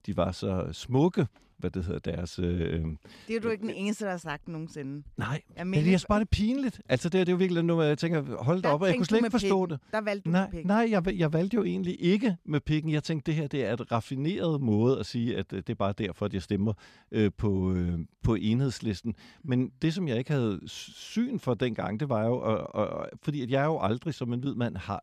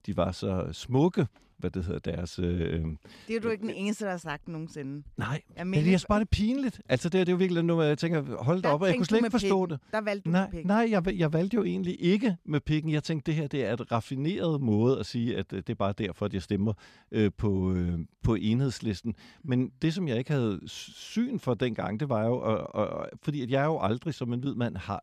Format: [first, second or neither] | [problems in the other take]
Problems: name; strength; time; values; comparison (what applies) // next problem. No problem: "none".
neither | none